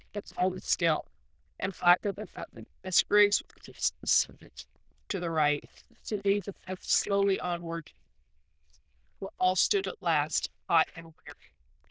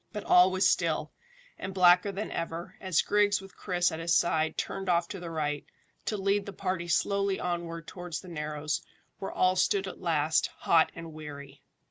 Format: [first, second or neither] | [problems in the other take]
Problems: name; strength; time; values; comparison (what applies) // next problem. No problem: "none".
second | noise reduction (neural diffusion model UNIVERSE++)